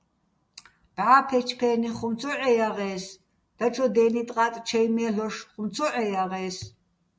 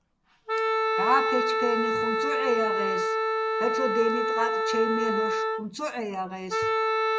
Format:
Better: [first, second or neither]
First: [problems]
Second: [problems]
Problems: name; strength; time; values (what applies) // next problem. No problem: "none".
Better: first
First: none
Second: background sound (Wind instrument, woodwind instrument); 4 dB above the speech